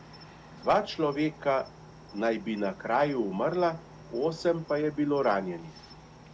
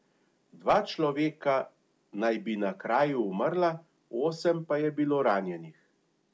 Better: second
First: background sound (Cricket); 19 dB below the speech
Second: none

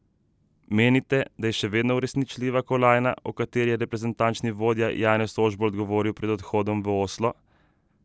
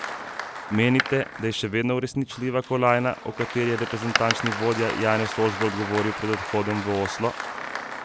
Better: first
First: none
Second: background sound (Door + Applause); 7 dB below the speech

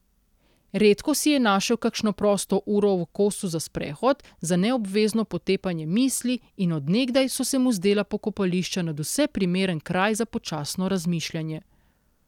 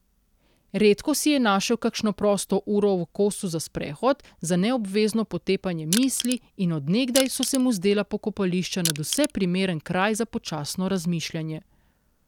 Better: first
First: none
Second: background sound (Crushing); 7 dB below the speech

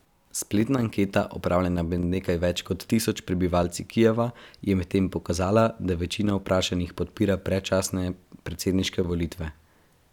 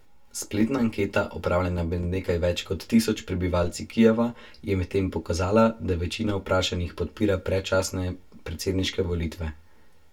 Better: first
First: none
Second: room echo; dies away in 0.1 s

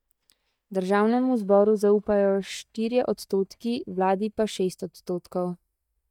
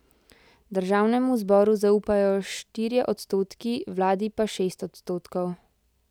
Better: second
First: noise reduction (neural mask model DeepFilterNet 3)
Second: none

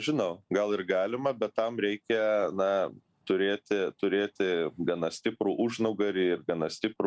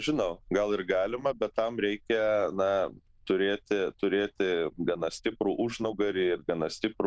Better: first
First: none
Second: noise reduction (neural diffusion model UNIVERSE++)

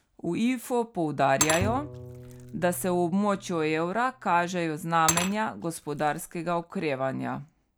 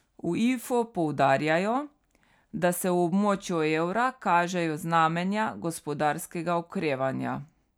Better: second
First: background sound (Bowed string instrument + Glass / Liquid); 9 dB below the speech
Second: none

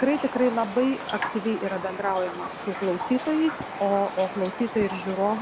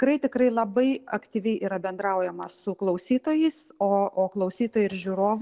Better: second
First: background sound (Raindrop); 9 dB below the speech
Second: none

